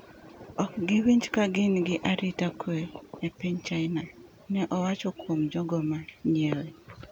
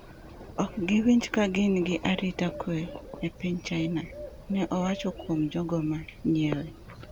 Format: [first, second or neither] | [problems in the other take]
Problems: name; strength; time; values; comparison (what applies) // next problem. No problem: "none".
first | background sound (Bird); 17 dB below the speech